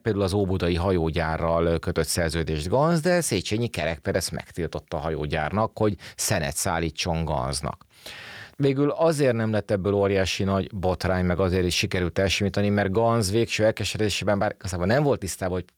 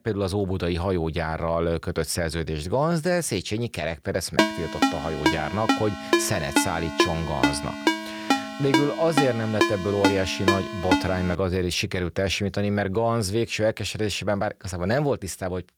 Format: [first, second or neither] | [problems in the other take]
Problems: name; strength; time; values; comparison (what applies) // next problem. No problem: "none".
first | phone ringing; loud; from 4.5 to 11 s; peak 3 dB above the speech